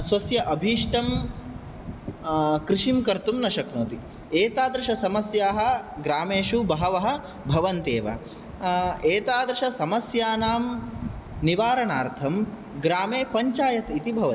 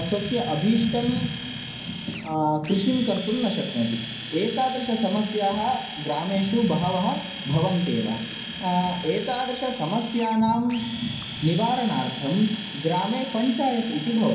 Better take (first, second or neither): first